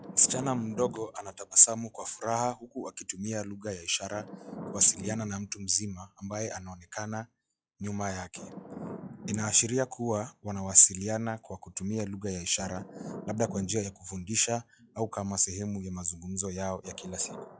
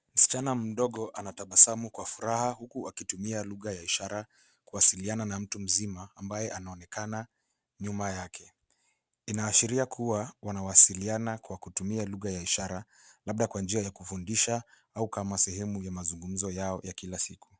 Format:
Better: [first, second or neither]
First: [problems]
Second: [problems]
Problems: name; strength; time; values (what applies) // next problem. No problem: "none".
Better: second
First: noise reduction (classical method log-MMSE)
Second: none